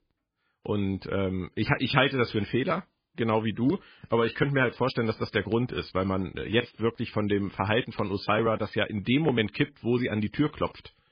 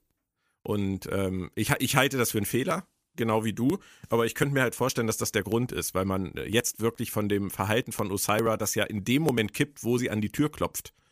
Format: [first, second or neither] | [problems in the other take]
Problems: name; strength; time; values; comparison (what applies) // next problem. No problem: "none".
second | garbled, watery; badly; nothing above 5 kHz